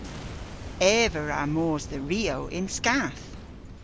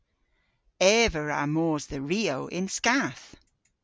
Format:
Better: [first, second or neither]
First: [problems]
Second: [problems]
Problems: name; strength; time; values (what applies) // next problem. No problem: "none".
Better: second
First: background sound (Boom); 11 dB below the speech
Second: none